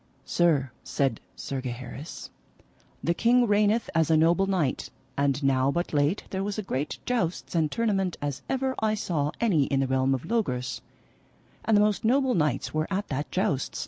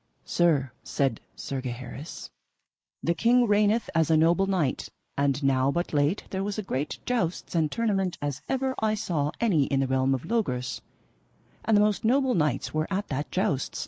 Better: first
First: none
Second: noise reduction (neural mask model Resemble Enhance denoiser)

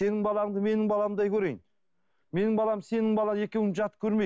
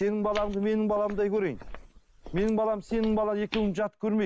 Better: first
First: none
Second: background sound (Walk, footsteps); 14 dB below the speech

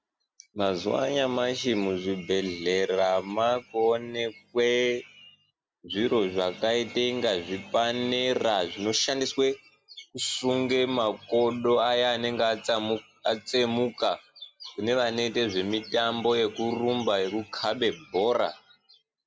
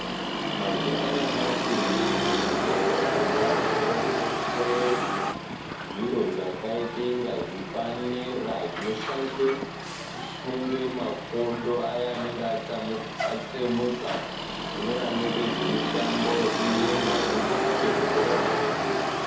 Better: first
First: none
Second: background sound (Motor vehicle (road)); 2 dB above the speech // room echo; dies away in 1.9 s

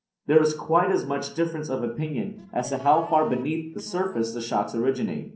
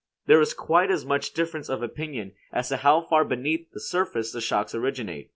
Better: second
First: noise reduction (neural separator model SepFormer DNS4)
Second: none

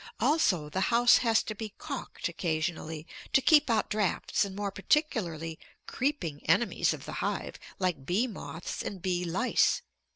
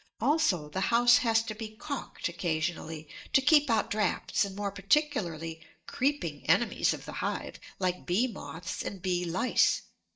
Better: first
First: none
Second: noise reduction (neural mask model DeepFilterNet 3)

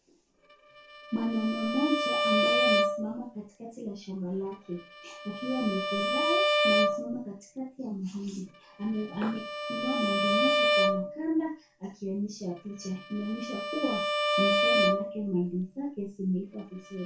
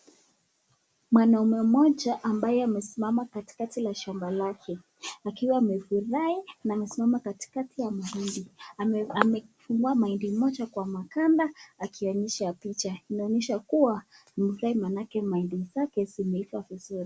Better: second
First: background sound (Bowed string instrument); 3 dB above the speech // room echo; dies away in 0.2 s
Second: none

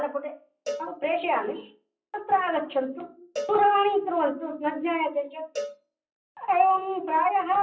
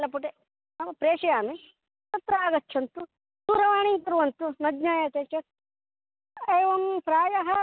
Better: second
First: noise reduction (classical method WPE with log-MMSE)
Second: none

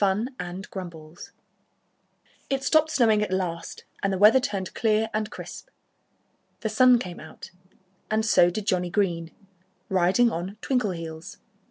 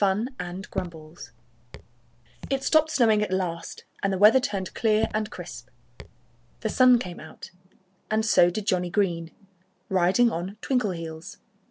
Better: first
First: none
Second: background sound (Raindrop / Drip); 14 dB below the speech

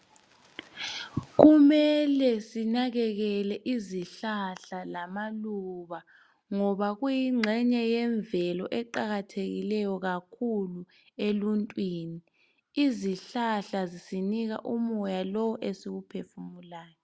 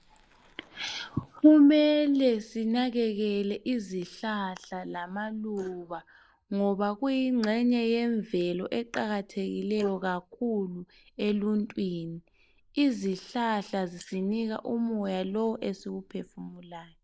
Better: first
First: none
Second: noise reduction (neural mask model Resemble Enhance denoiser)

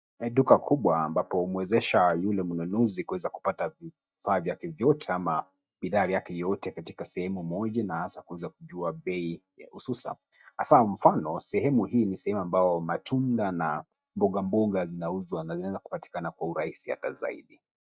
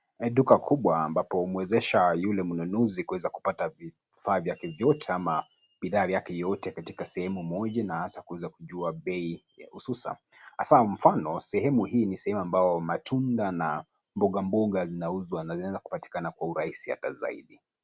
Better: second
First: noise reduction (neural mask model DeepFilterNet 3)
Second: none

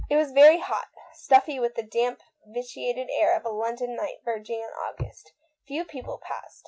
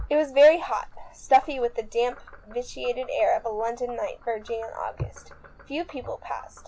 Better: first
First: none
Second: background sound (Frog); 20 dB below the speech

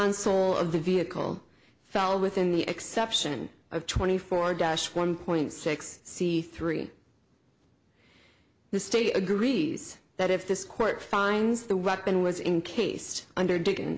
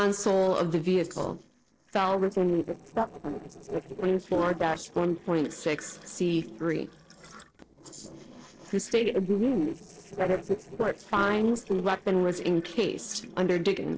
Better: first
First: none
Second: noise reduction (neural separator model SepFormer DNS4)

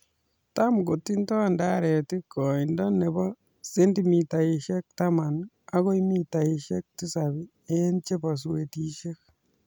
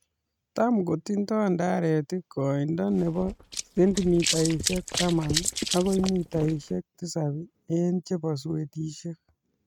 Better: first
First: none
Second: noise reduction (neural mask model RNNoise)

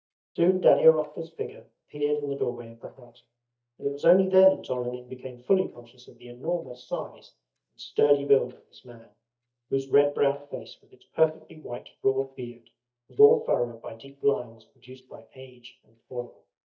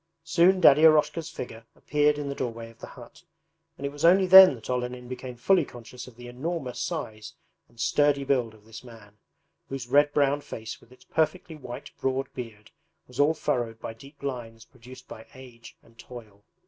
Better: second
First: noise reduction (neural mask model DeepFilterNet 3)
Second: none

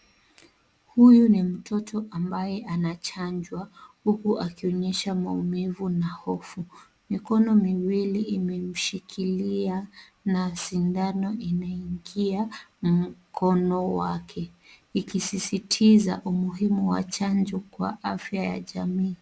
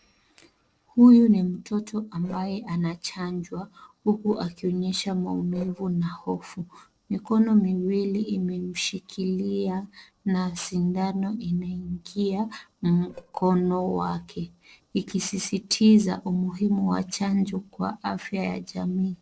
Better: first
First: none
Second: noise reduction (neural separator model SepFormer DNS4)

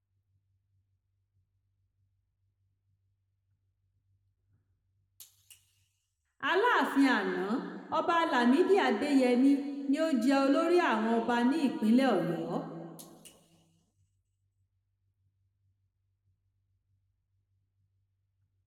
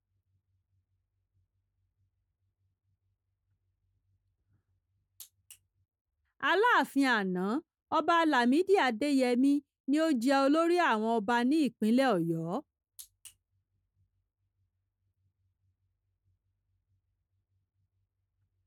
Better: second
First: room echo; dies away in 1.9 s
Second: none

